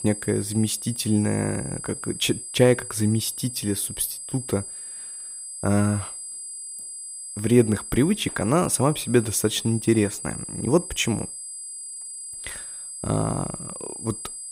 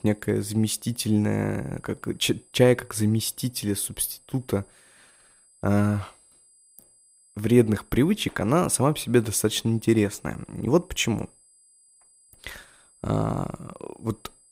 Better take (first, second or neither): second